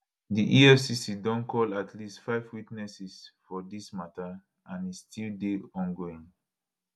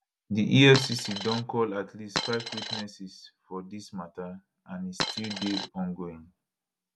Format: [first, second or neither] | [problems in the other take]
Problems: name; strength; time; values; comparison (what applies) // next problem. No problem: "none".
first | background sound (Coin (dropping)); 4 dB below the speech